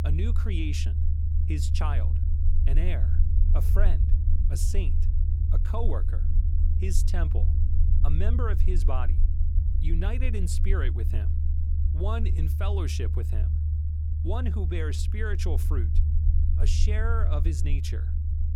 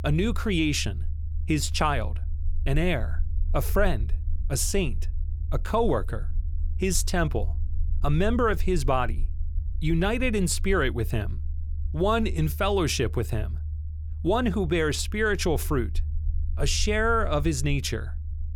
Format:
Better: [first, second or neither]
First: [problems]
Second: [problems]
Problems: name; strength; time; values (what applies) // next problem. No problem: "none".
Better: second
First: low rumble; loud; throughout; 6 dB below the speech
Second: low rumble; faint; throughout; 25 dB below the speech